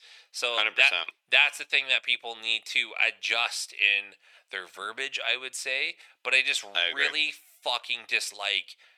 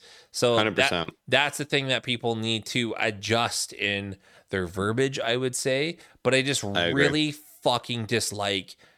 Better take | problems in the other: second | thin; very; fading below 800 Hz

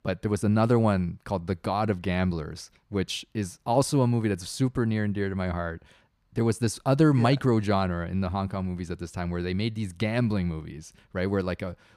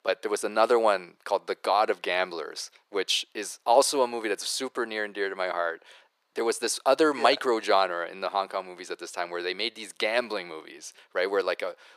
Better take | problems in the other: first | thin; very; fading below 400 Hz

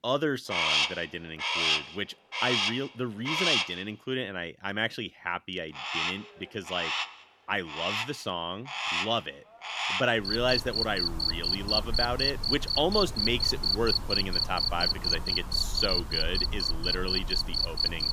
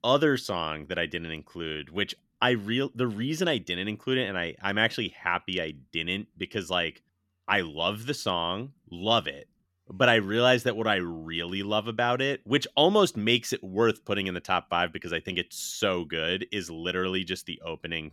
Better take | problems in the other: second | animal sounds; very loud; throughout; 4 dB above the speech

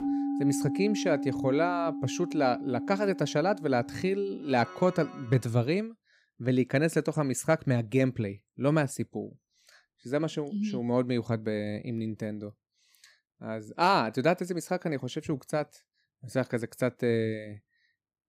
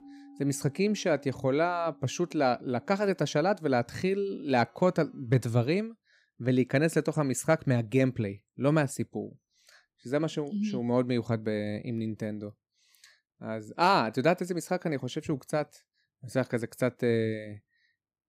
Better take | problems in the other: second | background music; loud; until 5 s; 6 dB below the speech; faint in the second

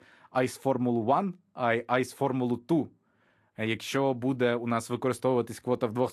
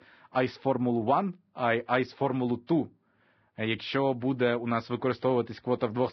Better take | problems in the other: first | garbled, watery; badly; nothing above 5.5 kHz; slightly in the first

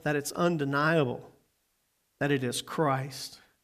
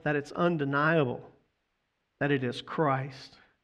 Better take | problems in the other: first | muffled; slightly; fading above 2.5 kHz

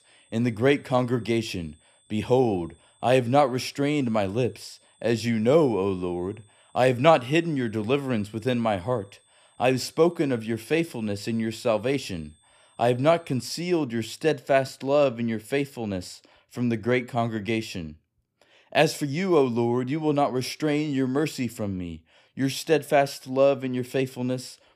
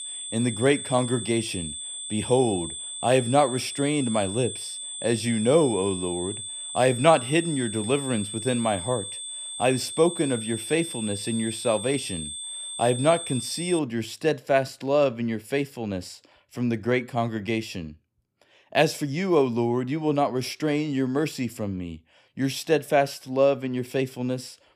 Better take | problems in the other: first | high-pitched whine; loud; until 14 s; 8 kHz, 7 dB below the speech; faint in the first

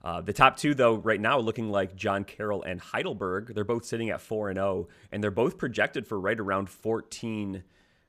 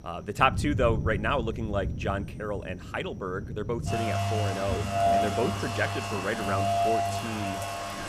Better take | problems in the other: first | rain or running water; very loud; throughout; 1 dB above the speech

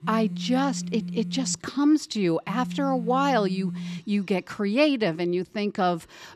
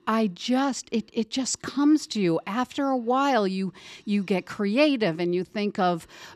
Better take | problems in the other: second | phone ringing; noticeable; until 4 s; peak 7 dB below the speech

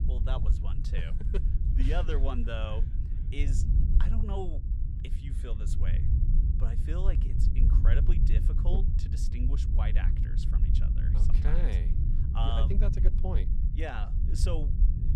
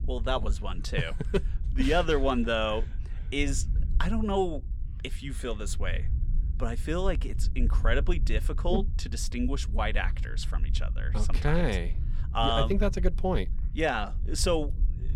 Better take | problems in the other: second | low rumble; loud; throughout; 5 dB below the speech; faint in the second

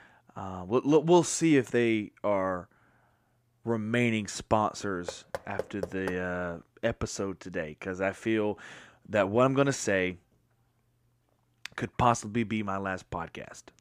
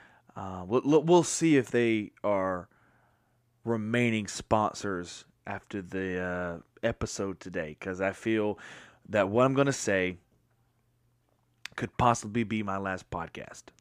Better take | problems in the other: second | door banging; noticeable; from 5 to 6 s; peak 9 dB below the speech

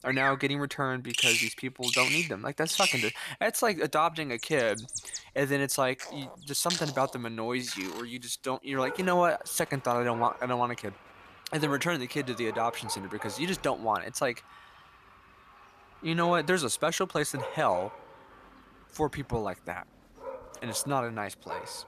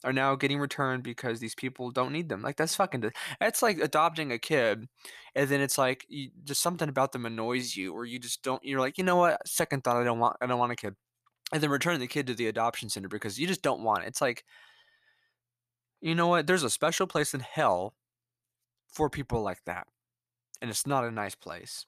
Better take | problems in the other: second | animal sounds; loud; throughout; 3 dB below the speech

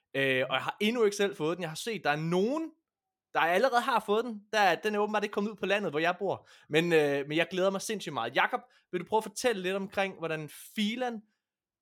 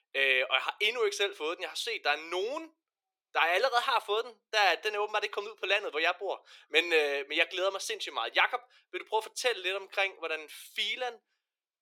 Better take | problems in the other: first | thin; very; fading below 350 Hz

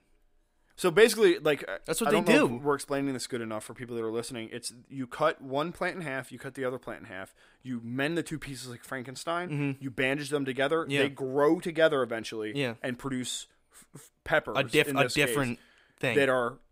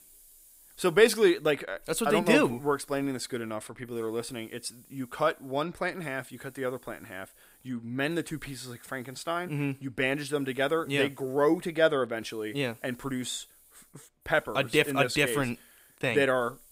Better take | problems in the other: first | hiss; faint; throughout; 25 dB below the speech

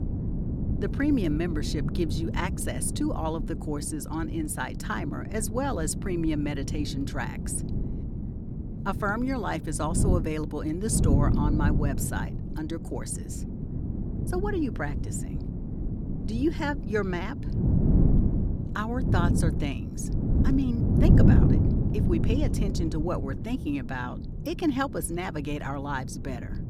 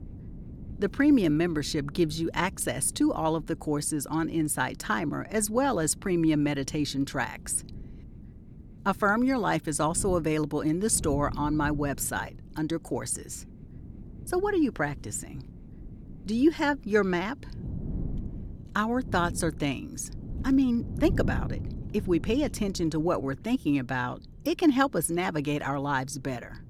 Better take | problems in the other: second | wind noise on the microphone; heavy; 5 dB below the speech; occasional gusts in the second

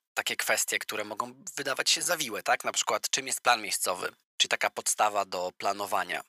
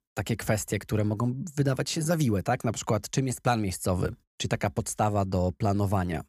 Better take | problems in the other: second | thin; very; fading below 850 Hz

